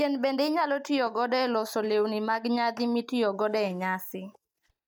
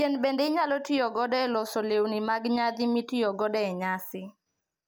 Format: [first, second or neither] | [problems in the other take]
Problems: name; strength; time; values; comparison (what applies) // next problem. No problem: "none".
second | noise reduction (neural mask model DeepFilterNet 3)